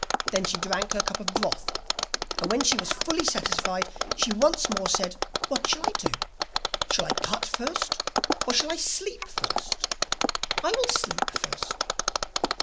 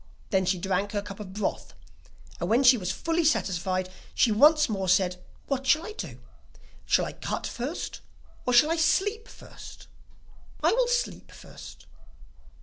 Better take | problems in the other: second | background sound (Mechanisms); 1 dB above the speech

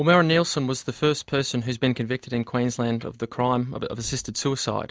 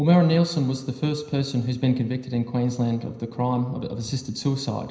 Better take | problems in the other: first | room echo; dies away in 0.9 s

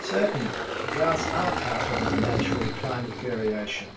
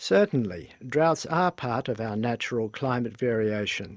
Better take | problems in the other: second | background sound (Engine); as loud as the speech // room echo; dies away in 0.2 s

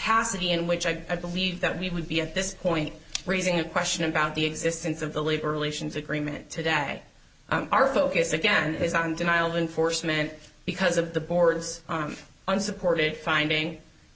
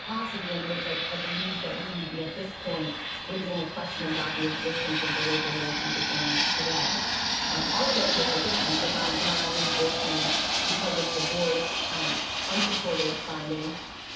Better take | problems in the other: first | background sound (Fixed-wing aircraft, airplane); 3 dB above the speech // room echo; dies away in 0.5 s

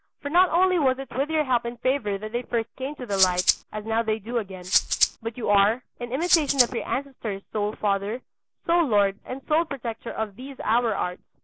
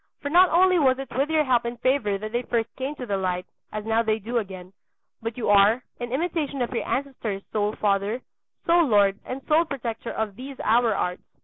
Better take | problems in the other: second | background sound (Rattle (instrument)); 1 dB above the speech

